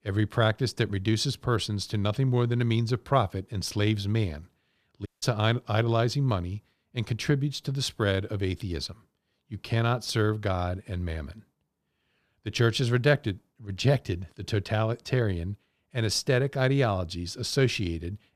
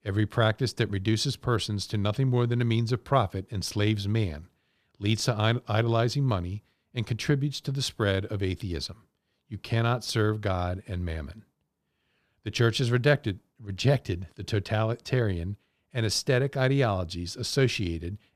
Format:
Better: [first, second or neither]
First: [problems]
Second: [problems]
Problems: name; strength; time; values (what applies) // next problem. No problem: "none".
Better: second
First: audio cutting out; at 5 s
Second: none